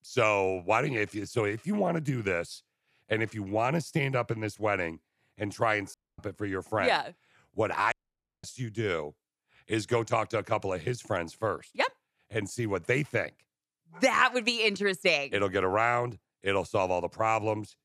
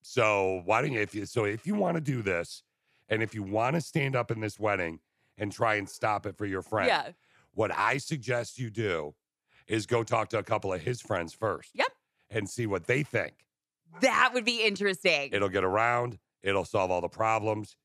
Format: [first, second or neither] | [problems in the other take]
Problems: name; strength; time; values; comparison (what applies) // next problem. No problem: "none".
second | audio cutting out; at 6 s and at 8 s for 0.5 s